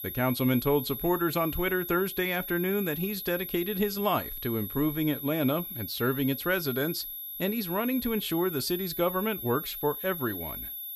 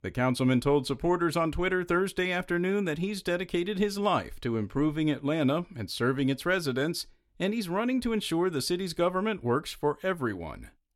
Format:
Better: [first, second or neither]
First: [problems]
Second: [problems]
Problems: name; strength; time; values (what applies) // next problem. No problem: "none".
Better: second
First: high-pitched whine; loud; throughout; 11.5 kHz, 6 dB below the speech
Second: none